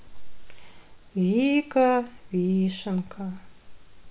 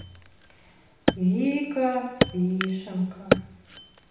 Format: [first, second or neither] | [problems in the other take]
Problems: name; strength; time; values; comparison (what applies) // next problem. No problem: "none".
first | background sound (Wood); 1 dB below the speech // room echo; dies away in 0.9 s